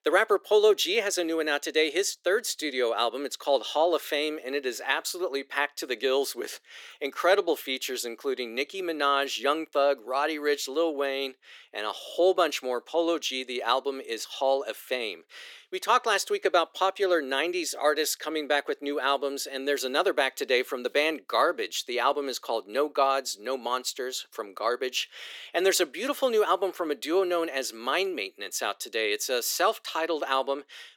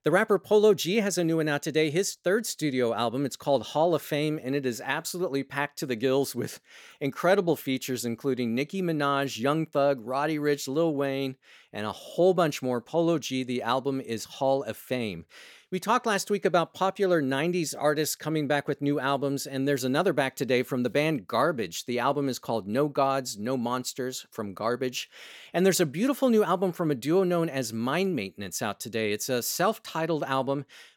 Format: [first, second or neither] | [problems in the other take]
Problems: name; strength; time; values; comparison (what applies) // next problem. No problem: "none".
second | thin; somewhat; fading below 350 Hz